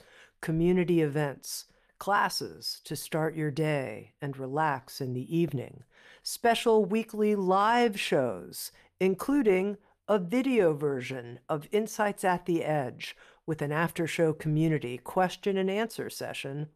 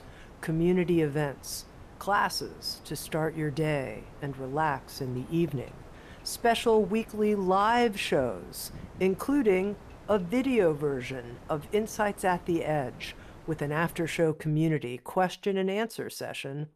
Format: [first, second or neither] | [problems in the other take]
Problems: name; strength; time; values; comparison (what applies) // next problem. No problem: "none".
first | wind noise on the microphone; occasional gusts; until 14 s; 20 dB below the speech